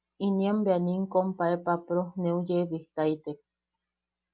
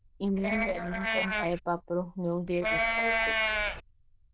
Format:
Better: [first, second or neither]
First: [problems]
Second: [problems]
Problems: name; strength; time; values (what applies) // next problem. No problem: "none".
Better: first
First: none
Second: noise reduction (neural diffusion model UNIVERSE++)